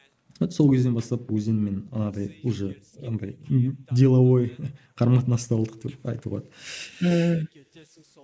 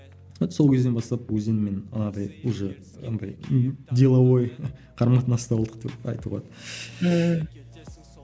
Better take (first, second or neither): second